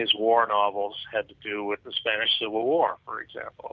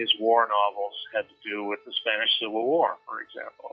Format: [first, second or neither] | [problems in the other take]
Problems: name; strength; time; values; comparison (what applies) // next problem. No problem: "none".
first | noise reduction (classical method log-MMSE)